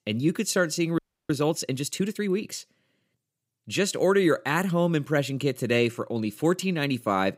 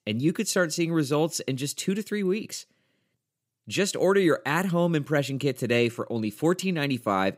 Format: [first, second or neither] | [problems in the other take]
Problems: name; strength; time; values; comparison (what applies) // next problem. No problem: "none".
second | audio freezing; at 1 s